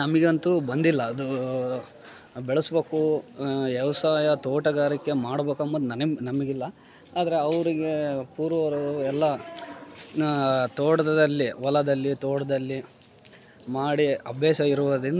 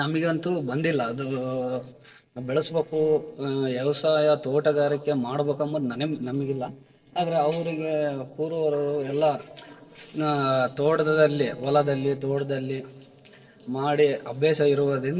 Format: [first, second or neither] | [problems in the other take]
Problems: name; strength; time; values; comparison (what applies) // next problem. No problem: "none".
first | noise reduction (neural separator model SepFormer DNS4)